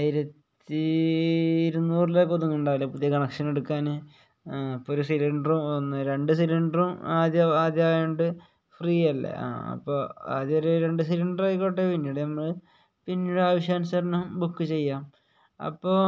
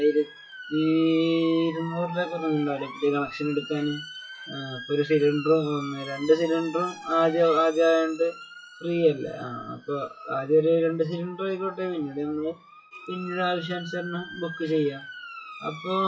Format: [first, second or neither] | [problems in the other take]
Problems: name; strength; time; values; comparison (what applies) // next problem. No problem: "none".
first | noise reduction (classical method WPE with log-MMSE)